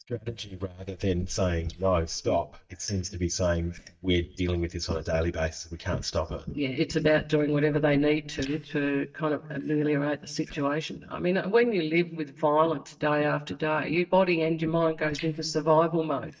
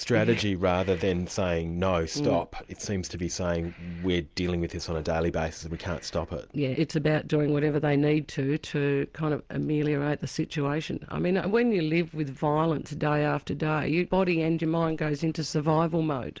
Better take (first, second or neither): second